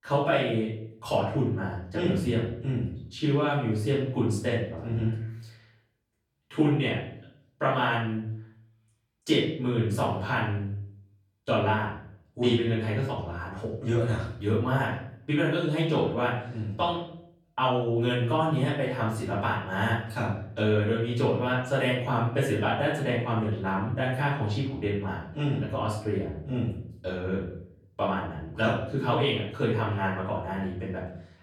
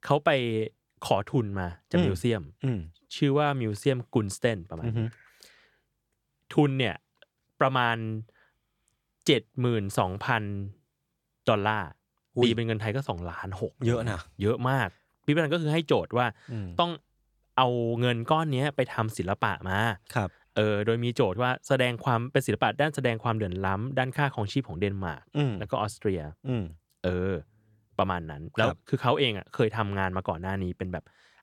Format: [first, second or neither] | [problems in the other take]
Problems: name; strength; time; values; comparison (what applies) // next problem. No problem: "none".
second | off-mic speech; far // room echo; noticeable; dies away in 0.6 s